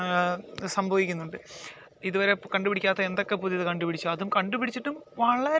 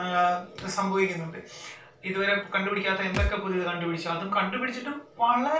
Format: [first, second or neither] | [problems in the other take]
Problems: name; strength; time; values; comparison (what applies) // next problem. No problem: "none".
first | background sound (Thump, thud); 5 dB below the speech // room echo; dies away in 0.3 s